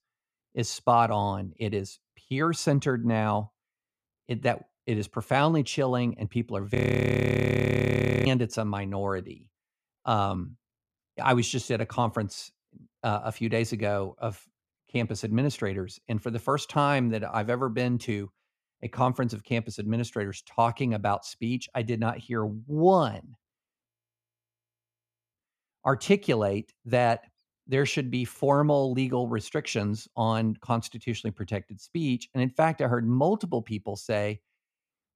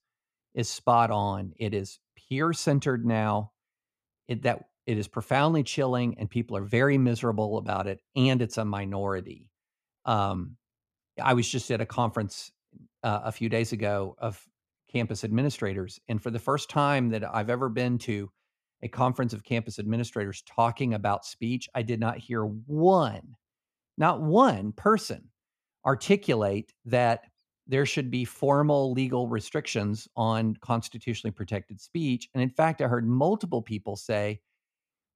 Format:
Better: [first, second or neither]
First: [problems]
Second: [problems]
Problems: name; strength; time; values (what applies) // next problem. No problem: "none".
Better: second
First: audio freezing; at 7 s for 1.5 s and at 24 s for 1.5 s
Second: none